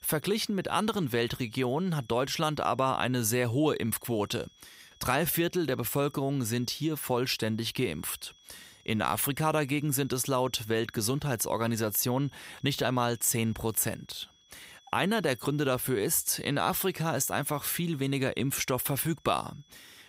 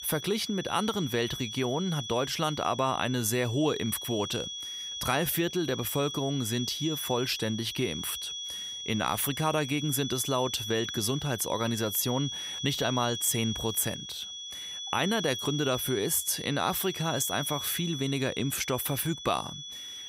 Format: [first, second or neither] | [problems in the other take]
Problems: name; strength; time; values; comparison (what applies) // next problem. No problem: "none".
first | high-pitched whine; loud; throughout; 3.5 kHz, 6 dB below the speech; faint in the first